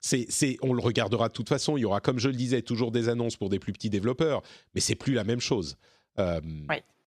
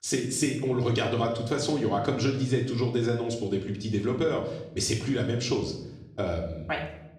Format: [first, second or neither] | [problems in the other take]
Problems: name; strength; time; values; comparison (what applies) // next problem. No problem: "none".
first | room echo; slight; dies away in 0.7 s // off-mic speech; far